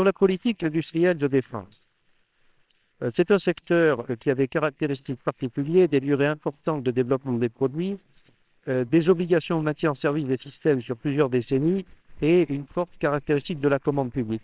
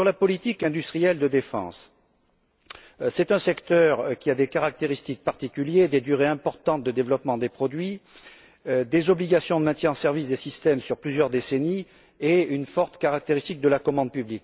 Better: second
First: noise reduction (neural separator model SepFormer WHAMR!)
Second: none

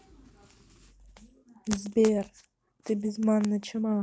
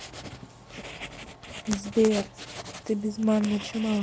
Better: first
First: none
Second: background sound (Writing); 12 dB below the speech

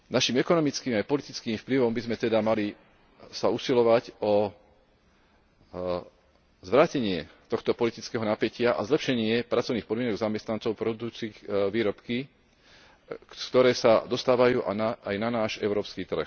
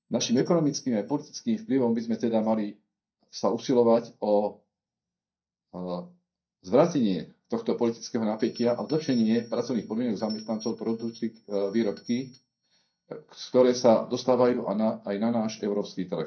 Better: first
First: none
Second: noise reduction (neural mask model DeepFilterNet 3)

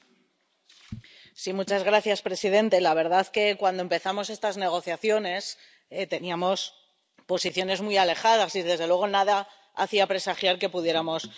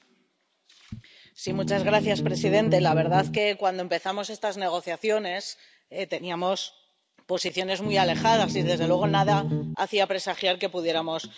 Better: first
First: none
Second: background sound (Bass guitar); 1 dB below the speech

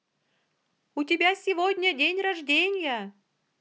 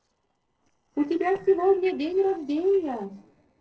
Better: first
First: none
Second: noise reduction (neural separator model SepFormer DNS4)

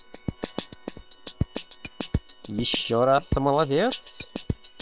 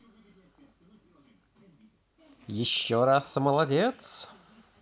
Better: second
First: noise reduction (neural separator model SepFormer WHAM!)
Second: none

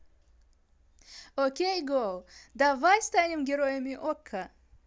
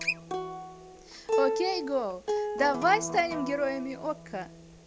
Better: first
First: none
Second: background sound (Acoustic guitar); 3 dB below the speech

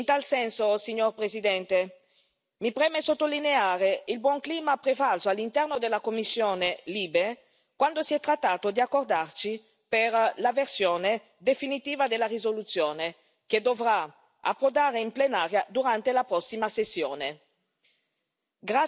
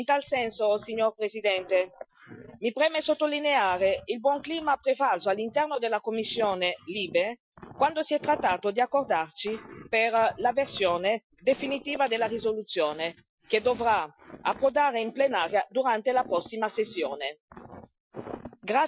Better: first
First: none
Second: noise reduction (classical method Wiener filter)

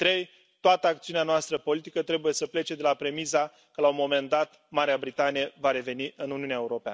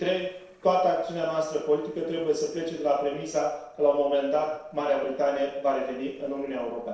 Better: first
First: none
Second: noise reduction (neural separator model SepFormer DNS4)

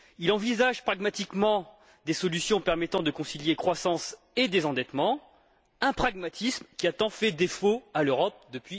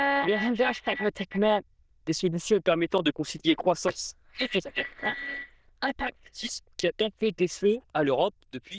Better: first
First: none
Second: noise reduction (neural diffusion model UNIVERSE++)

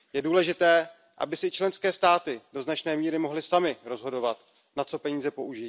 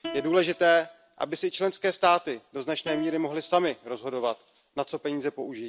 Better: first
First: none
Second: background sound (Plucked string instrument); 17 dB below the speech

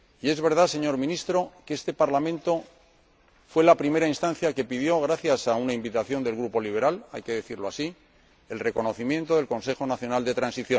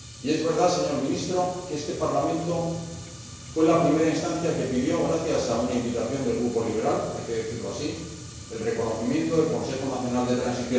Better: first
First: none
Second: background sound (Fire); 15 dB below the speech // room echo; dies away in 1 s

